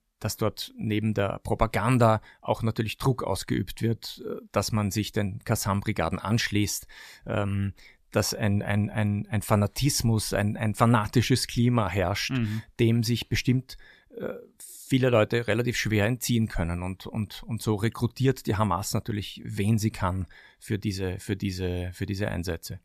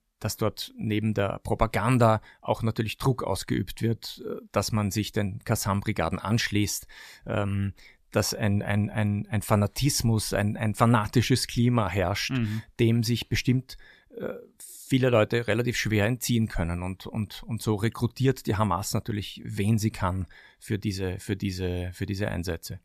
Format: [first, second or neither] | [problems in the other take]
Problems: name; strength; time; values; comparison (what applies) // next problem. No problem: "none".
neither | none